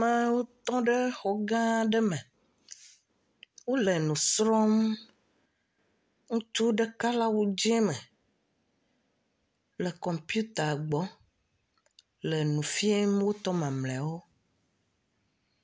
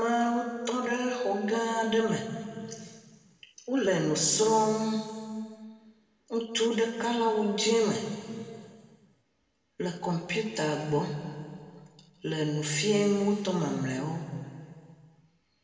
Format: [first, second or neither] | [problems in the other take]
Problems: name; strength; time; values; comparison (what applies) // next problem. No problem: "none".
first | room echo; dies away in 2.1 s